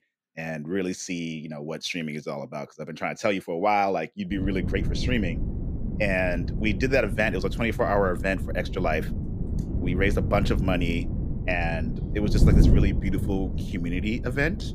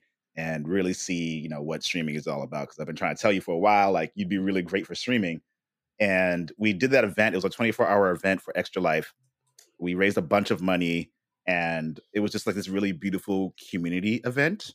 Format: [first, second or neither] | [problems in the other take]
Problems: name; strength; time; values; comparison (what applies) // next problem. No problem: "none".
second | wind noise on the microphone; occasional gusts; from 4.5 s on; 10 dB below the speech